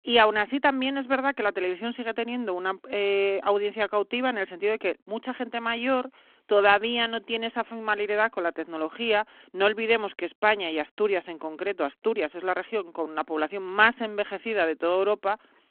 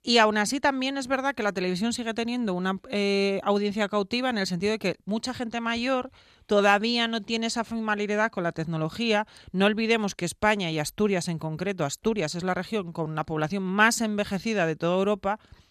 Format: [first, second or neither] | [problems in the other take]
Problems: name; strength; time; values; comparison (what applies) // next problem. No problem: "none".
second | phone-call audio